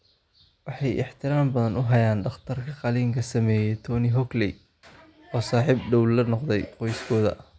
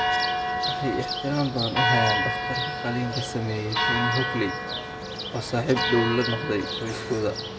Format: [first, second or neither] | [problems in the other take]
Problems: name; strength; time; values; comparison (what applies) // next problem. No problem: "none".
first | background sound (Church bell); as loud as the speech // room echo; dies away in 0.7 s